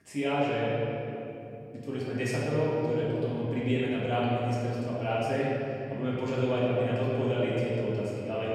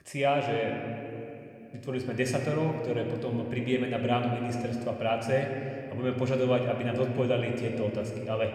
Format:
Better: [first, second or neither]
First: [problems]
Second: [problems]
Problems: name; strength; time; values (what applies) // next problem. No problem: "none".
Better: second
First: room echo; strong; dies away in 2.7 s // off-mic speech; far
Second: room echo; slight; dies away in 2.3 s